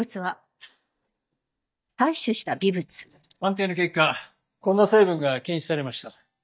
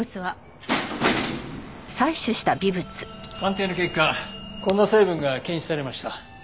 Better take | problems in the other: second | noise reduction (neural mask model DeepFilterNet 3)

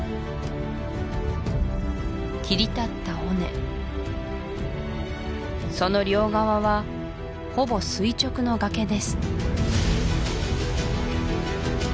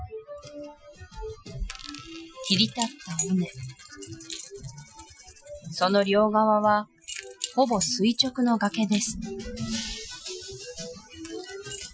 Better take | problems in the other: first | noise reduction (classical method Wiener filter)

